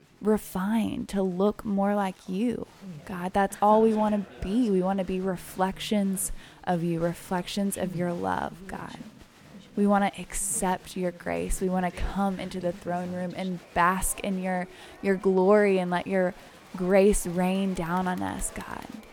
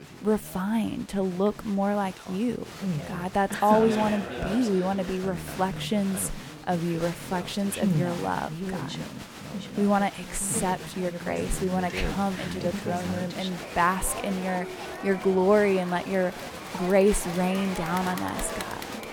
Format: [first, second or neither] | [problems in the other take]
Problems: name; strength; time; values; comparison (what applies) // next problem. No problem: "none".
first | crowd noise; loud; throughout; 7 dB below the speech; faint in the first